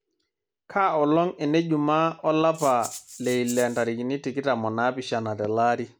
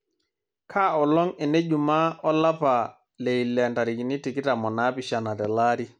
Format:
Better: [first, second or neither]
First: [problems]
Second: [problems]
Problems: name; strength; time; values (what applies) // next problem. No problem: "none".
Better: second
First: background sound (Rattle (instrument)); 15 dB below the speech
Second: none